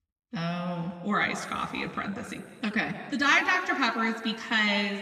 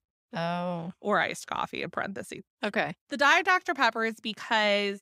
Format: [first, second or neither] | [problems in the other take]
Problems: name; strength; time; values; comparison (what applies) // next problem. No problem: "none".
second | room echo; noticeable; dies away in 1.7 s // off-mic speech; somewhat distant